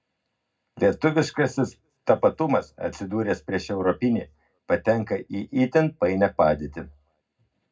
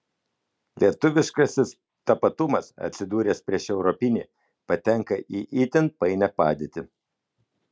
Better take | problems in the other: second | room echo; dies away in 0.3 s

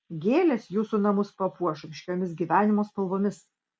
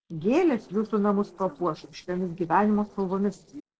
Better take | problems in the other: first | noise reduction (neural separator model SepFormer DNS4)

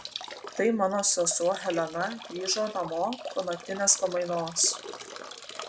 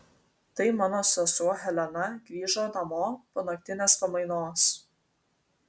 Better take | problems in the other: second | background sound (Drip / Trickle, dribble / Bathtub (filling or washing)); 13 dB below the speech

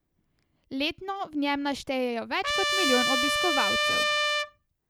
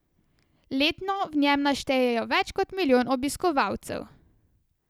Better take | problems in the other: second | background sound (Trumpet); 5 dB above the speech

